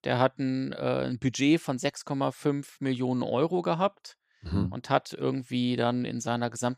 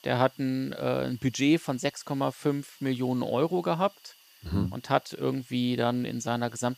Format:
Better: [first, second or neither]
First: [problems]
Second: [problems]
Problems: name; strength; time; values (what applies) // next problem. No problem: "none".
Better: first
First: none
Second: hiss; faint; throughout; 25 dB below the speech